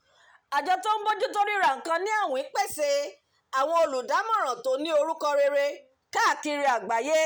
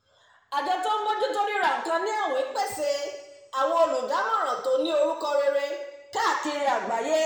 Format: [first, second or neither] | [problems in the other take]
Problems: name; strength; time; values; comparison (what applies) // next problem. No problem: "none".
first | room echo; dies away in 1 s